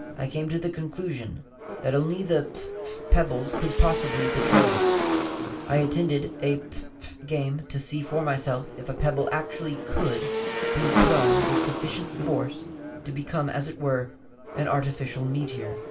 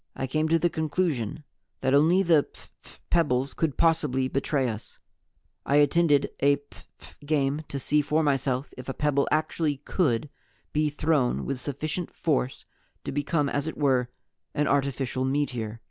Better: second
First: background sound (Motorcycle / Engine); 2 dB below the speech // room echo; dies away in 0.2 s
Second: none

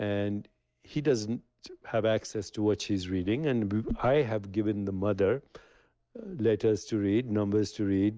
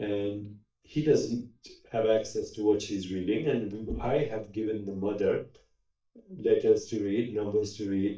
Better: first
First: none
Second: noise reduction (neural mask model DeepFilterNet 3)

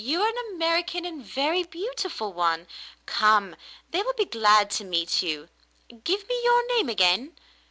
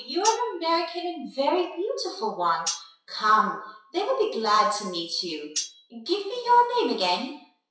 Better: first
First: none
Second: noise reduction (classical method WPE with log-MMSE)

